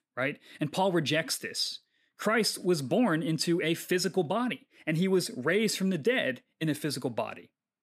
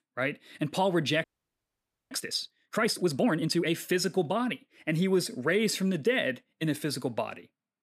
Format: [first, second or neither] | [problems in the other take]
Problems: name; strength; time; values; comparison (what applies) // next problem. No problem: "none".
first | audio freezing; at 1 s for 1 s